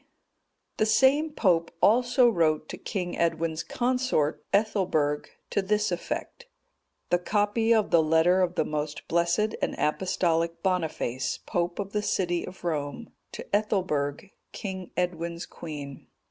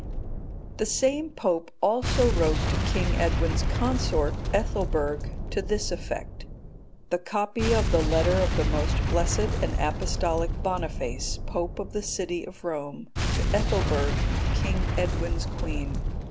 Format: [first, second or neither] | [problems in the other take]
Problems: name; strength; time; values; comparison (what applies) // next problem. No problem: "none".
first | background sound (Boom); 2 dB above the speech